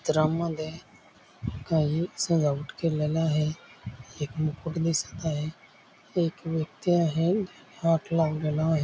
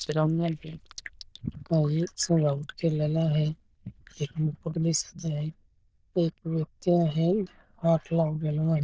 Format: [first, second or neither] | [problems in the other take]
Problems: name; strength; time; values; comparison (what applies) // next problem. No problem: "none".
first | noise reduction (neural diffusion model UNIVERSE++)